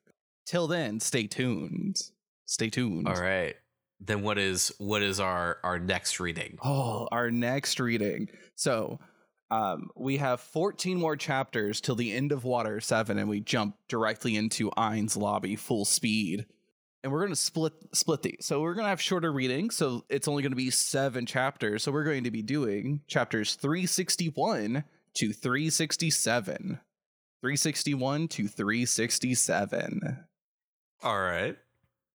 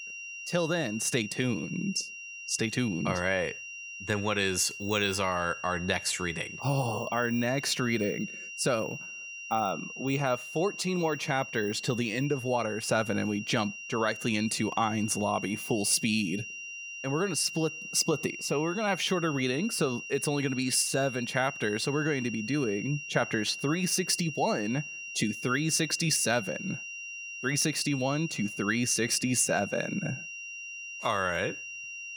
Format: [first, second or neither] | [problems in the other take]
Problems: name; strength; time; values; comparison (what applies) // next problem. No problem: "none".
first | high-pitched whine; loud; throughout; 3 kHz, 9 dB below the speech